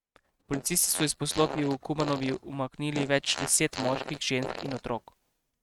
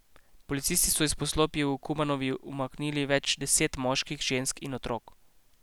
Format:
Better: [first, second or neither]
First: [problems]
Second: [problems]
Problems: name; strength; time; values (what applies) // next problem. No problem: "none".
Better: second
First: noise reduction (neural mask model RNNoise)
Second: none